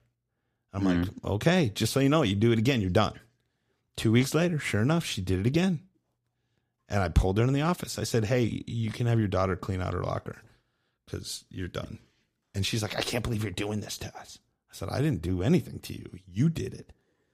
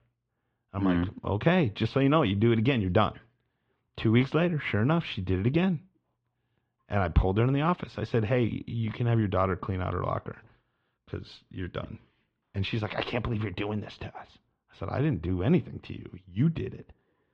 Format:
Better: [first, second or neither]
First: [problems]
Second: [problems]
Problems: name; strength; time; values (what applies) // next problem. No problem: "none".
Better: first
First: none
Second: muffled; very; fading above 3 kHz